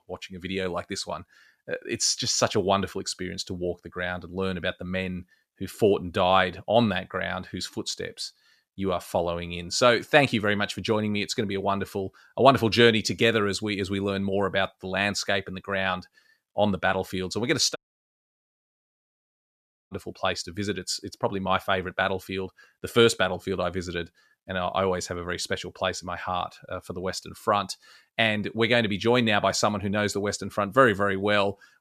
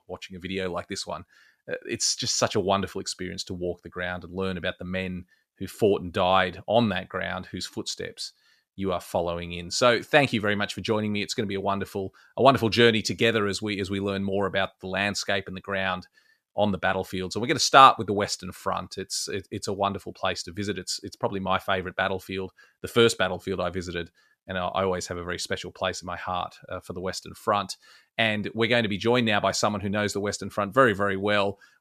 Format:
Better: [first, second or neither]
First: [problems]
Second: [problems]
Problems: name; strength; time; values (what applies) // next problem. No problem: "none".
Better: second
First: audio cutting out; at 18 s for 2 s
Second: none